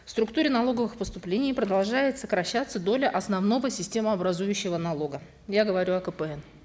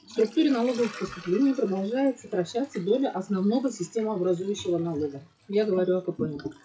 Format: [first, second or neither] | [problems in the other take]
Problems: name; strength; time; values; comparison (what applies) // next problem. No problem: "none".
first | noise reduction (classical method WPE with log-MMSE)